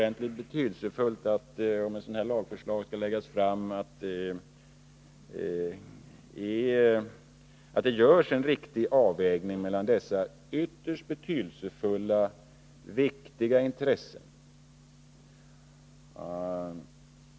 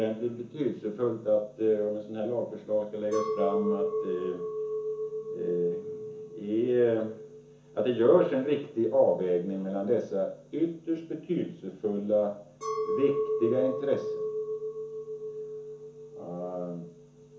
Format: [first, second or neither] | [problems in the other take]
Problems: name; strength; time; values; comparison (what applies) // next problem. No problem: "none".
first | background sound (Chink, clink); 7 dB below the speech // room echo; dies away in 0.7 s